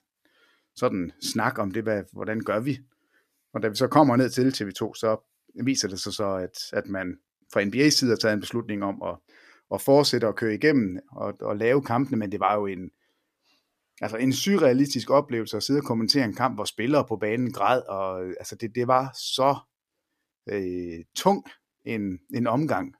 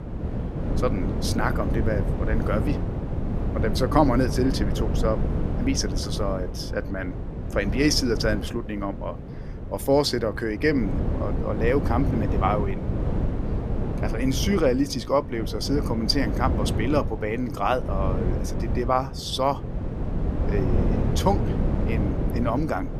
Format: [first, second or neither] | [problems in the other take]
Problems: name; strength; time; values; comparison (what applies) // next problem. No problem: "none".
first | wind noise on the microphone; heavy; 8 dB below the speech